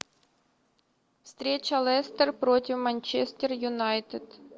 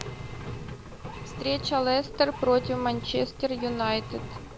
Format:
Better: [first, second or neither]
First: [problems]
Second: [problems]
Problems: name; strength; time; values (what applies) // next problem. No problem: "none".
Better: first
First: none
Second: background sound (Engine); 9 dB below the speech